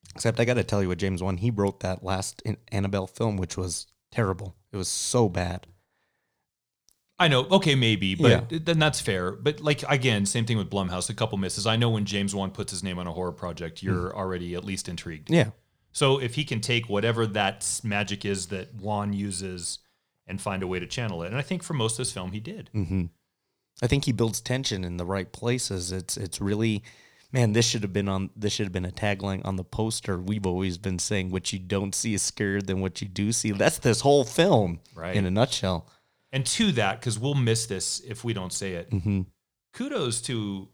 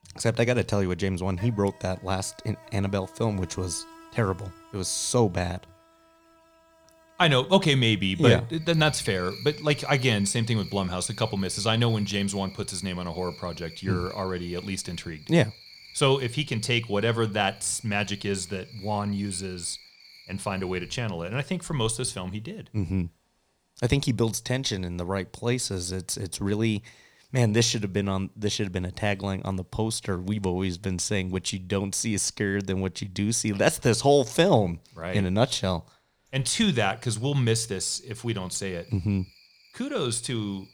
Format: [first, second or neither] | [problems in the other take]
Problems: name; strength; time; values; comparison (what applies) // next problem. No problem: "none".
first | animal sounds; faint; throughout; 20 dB below the speech